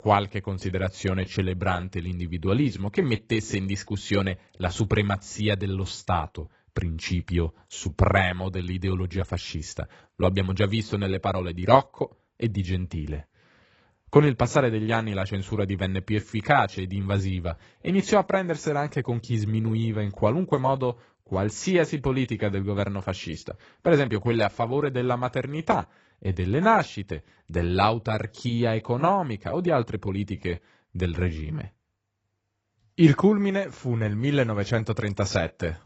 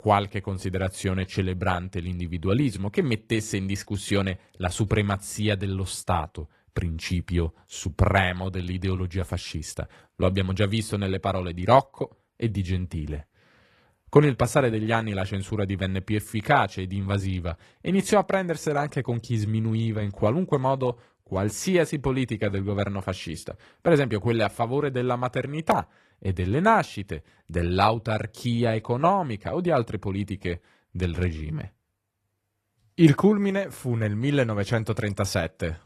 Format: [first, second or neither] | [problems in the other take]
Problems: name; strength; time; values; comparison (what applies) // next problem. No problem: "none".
second | garbled, watery; badly; nothing above 7.5 kHz; slightly in the second